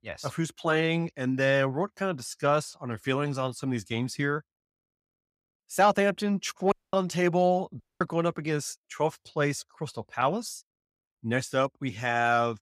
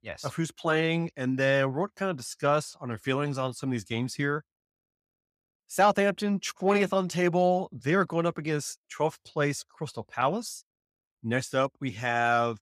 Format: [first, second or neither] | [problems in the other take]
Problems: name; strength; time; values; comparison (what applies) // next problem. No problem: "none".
second | audio cutting out; at 6.5 s and at 8 s